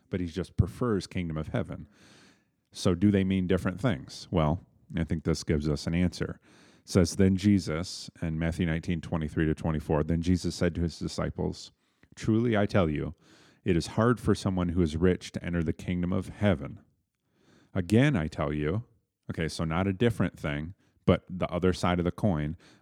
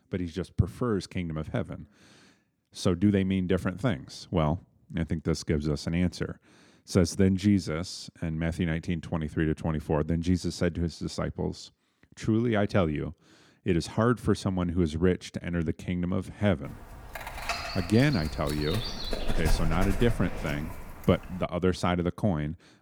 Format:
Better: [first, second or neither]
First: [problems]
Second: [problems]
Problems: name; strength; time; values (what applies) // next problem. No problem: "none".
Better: first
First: none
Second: dog barking; noticeable; from 17 to 21 s; peak 2 dB below the speech